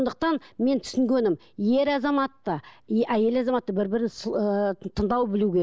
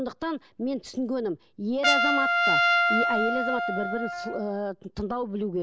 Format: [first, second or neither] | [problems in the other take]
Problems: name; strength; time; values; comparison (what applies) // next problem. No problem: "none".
first | background sound (Trumpet); 3 dB above the speech